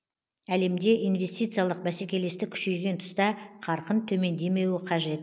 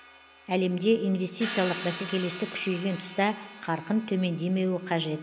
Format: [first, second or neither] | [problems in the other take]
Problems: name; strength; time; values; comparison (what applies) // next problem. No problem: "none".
first | background sound (Crash cymbal); 14 dB below the speech